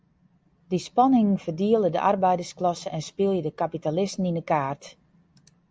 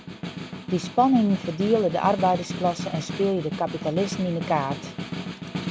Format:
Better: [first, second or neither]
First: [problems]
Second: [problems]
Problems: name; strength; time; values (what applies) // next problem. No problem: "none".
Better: first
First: none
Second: background sound (Snare drum); 8 dB below the speech